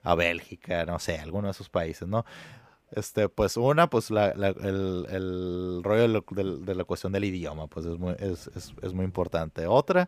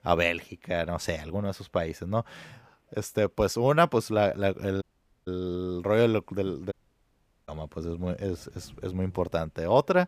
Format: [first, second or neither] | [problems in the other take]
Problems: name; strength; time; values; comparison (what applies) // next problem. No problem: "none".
first | audio cutting out; at 5 s and at 6.5 s for 1 s